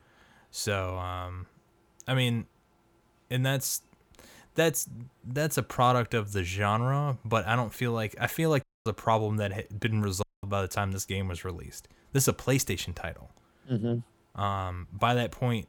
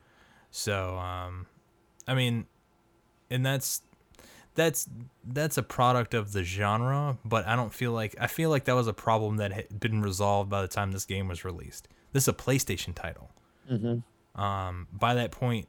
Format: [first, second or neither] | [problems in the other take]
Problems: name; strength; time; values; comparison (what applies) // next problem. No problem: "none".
second | audio cutting out; at 8.5 s and at 10 s